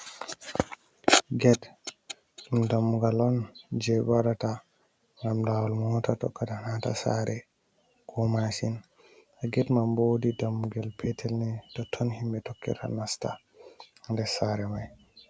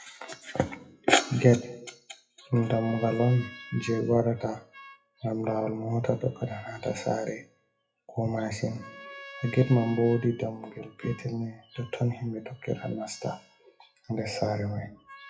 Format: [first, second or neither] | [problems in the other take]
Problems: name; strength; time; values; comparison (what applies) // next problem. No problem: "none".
first | noise reduction (classical method WPE with log-MMSE)